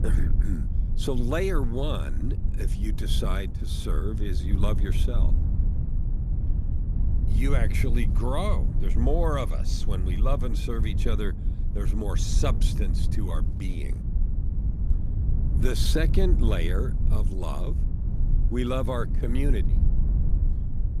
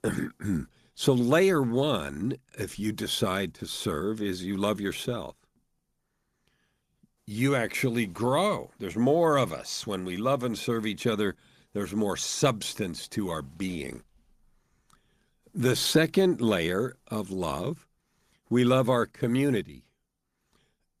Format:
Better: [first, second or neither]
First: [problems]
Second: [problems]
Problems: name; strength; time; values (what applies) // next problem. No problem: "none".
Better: second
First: low rumble; loud; throughout; 10 dB below the speech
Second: none